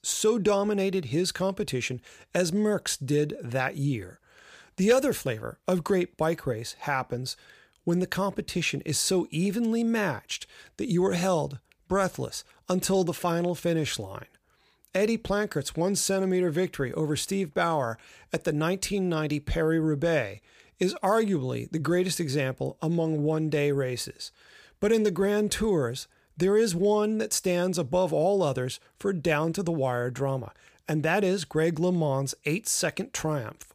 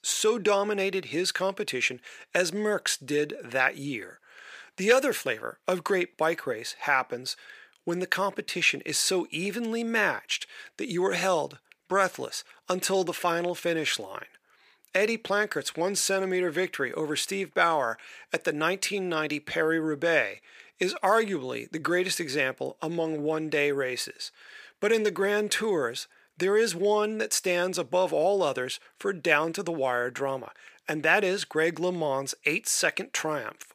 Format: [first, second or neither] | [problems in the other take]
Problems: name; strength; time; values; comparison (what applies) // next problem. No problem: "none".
first | thin; somewhat; fading below 300 Hz